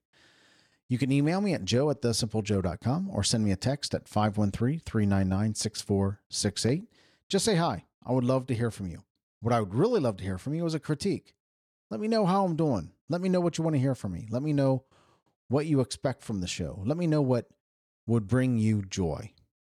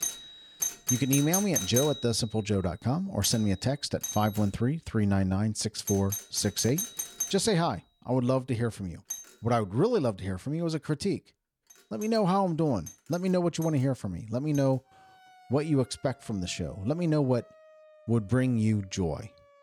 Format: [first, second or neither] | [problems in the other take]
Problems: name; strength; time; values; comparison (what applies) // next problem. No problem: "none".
first | alarms or sirens; loud; throughout; 5 dB below the speech